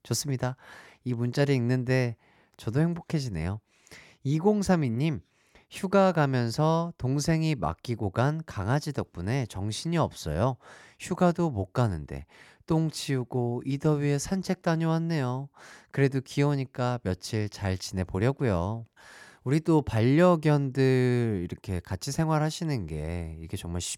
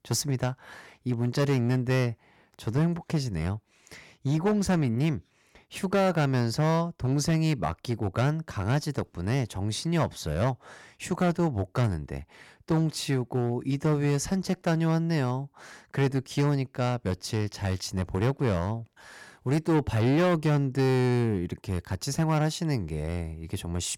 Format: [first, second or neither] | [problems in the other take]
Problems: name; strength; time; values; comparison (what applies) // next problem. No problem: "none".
first | distortion; slight; 7% of the sound clipped